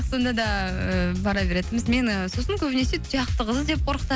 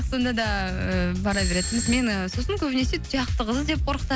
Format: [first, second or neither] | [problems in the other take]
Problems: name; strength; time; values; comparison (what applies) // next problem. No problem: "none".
first | background sound (Doorbell); 11 dB below the speech